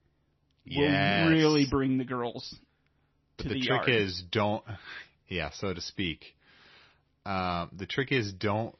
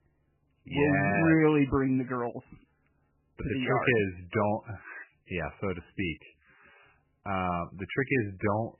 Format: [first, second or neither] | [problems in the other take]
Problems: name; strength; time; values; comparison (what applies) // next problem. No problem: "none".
first | garbled, watery; badly; nothing above 3 kHz; slightly in the first